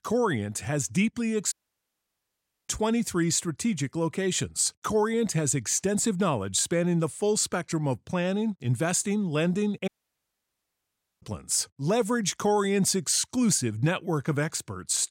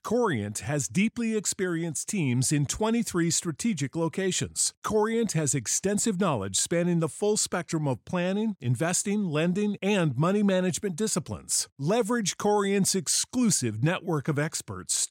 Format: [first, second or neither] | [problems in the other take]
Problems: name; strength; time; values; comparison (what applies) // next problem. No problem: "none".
second | audio cutting out; at 1.5 s for 1 s and at 10 s for 1.5 s